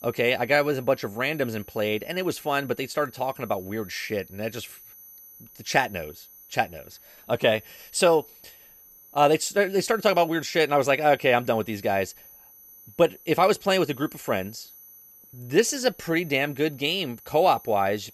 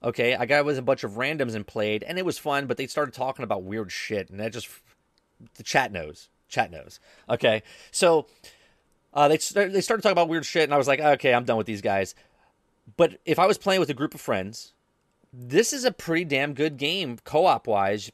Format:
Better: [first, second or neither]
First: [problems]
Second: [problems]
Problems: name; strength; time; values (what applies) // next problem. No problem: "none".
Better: second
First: high-pitched whine; faint; throughout; 12 kHz, 20 dB below the speech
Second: none